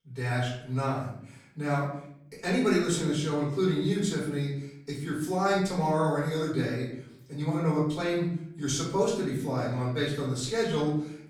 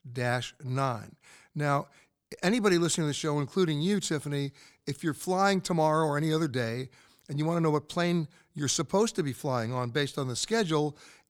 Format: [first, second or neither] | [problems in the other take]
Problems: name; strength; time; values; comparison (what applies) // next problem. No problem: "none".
second | off-mic speech; far // room echo; noticeable; dies away in 0.6 s